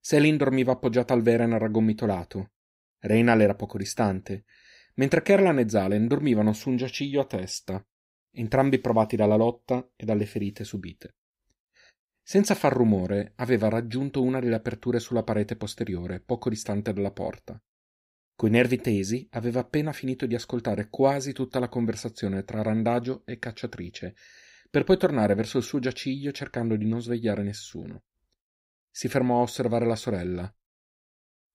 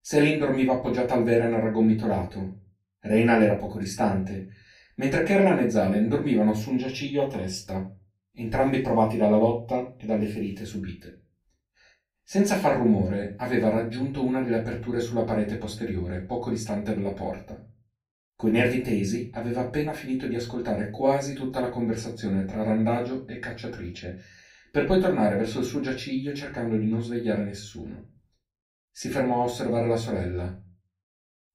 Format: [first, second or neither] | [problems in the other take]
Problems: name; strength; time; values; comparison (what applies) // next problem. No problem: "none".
first | off-mic speech; far // room echo; slight; dies away in 0.3 s